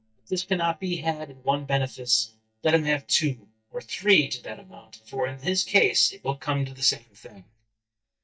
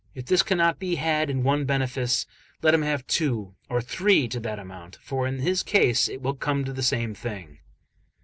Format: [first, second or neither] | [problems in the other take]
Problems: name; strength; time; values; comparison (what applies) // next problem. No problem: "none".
second | noise reduction (neural mask model DeepFilterNet 3)